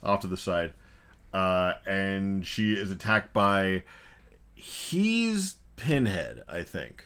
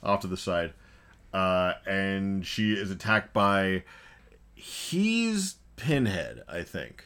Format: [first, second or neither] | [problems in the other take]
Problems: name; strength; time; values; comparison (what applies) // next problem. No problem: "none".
second | garbled, watery; slightly; nothing above 17.5 kHz